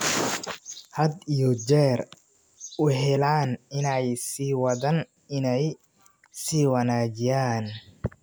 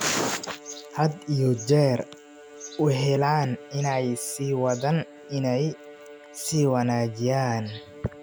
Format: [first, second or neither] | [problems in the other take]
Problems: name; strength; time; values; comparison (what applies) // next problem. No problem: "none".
first | background sound (Bowed string instrument); 20 dB below the speech